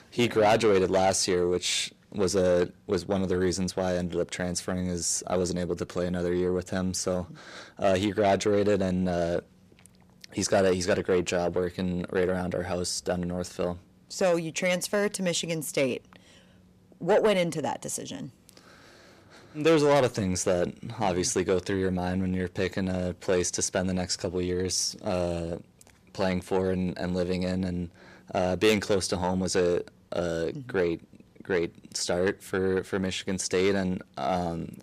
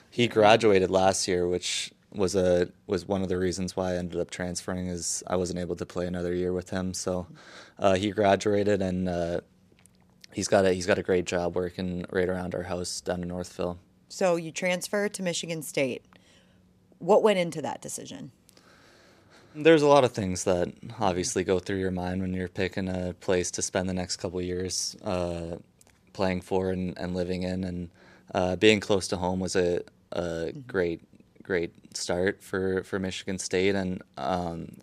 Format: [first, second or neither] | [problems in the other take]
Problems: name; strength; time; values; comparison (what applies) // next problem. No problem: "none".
second | distortion; slight; 10 dB below the speech